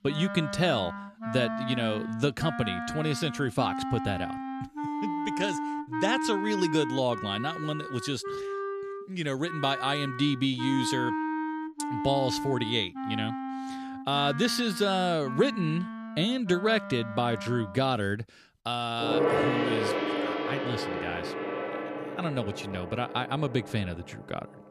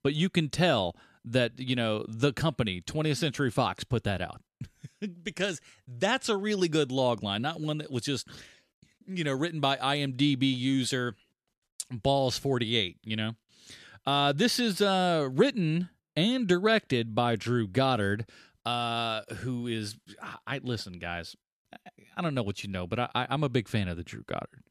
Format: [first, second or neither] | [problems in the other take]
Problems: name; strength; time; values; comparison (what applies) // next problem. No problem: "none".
second | background music; loud; throughout; 4 dB below the speech